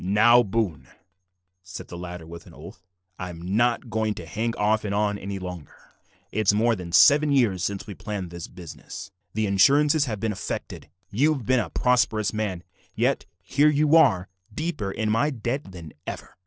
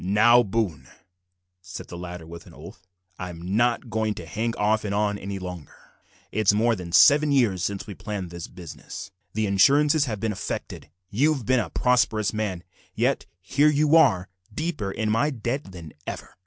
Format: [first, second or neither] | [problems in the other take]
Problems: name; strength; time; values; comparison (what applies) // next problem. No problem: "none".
second | noise reduction (neural separator model SepFormer DNS4)